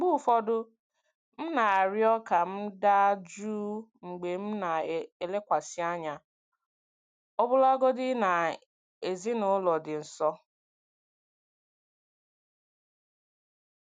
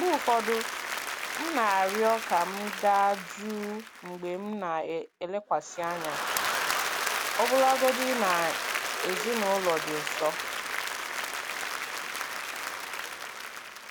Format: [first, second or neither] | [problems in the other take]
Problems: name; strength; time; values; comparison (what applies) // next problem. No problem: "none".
first | background sound (Applause / Crowd); 3 dB below the speech